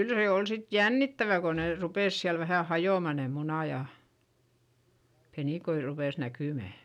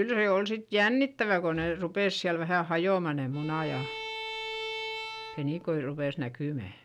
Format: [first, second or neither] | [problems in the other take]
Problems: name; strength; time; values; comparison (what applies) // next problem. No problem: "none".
first | background sound (Bowed string instrument); 9 dB below the speech